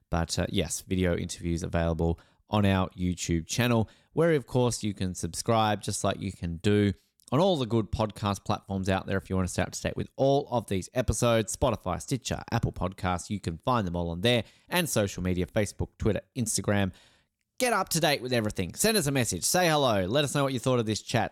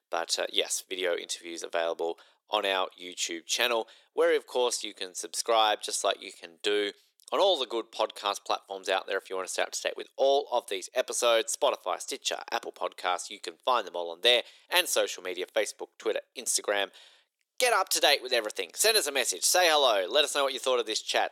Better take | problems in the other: first | thin; very; fading below 400 Hz

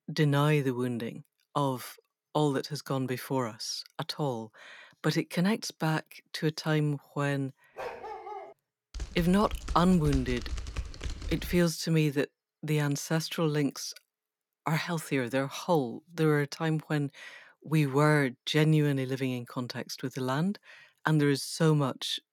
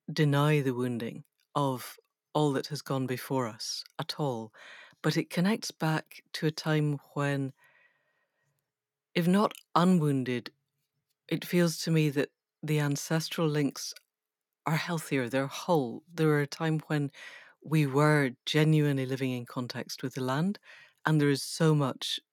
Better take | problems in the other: second | dog barking; noticeable; at 8 s; peak 10 dB below the speech // keyboard typing; noticeable; from 9 to 12 s; peak 7 dB below the speech

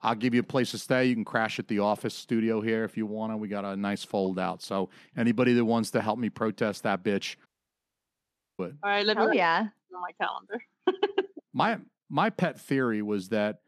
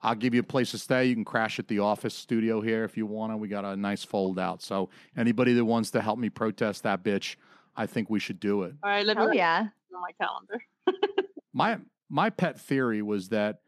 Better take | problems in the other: second | audio cutting out; at 7.5 s for 1 s

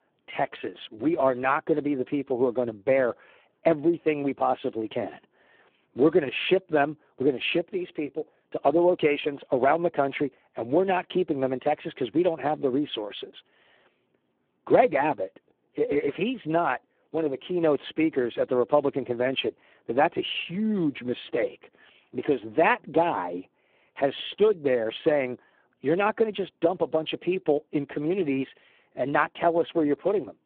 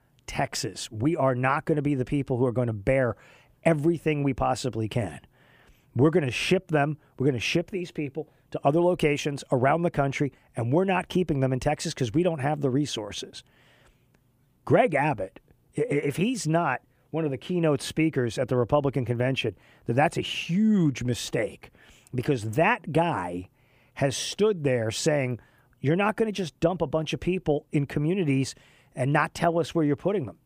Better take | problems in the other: second | phone-call audio; poor line

